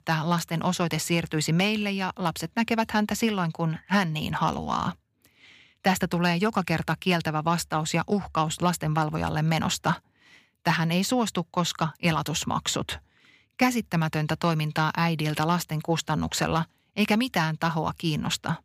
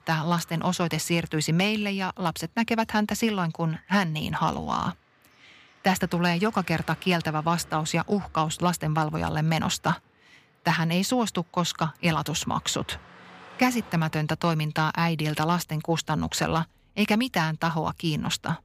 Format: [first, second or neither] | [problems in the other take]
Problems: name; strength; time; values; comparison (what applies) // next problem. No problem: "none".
first | traffic noise; faint; throughout; 25 dB below the speech